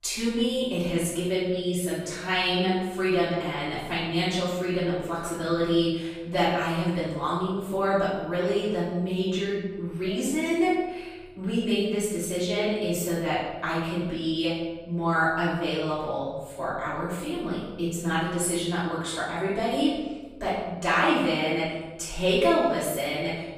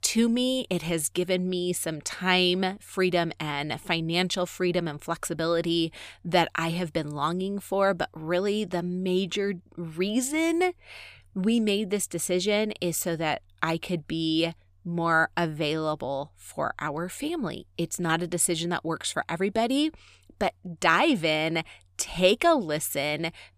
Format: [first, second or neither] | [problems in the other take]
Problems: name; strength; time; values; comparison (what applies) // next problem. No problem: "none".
second | off-mic speech; far // room echo; noticeable; dies away in 1 s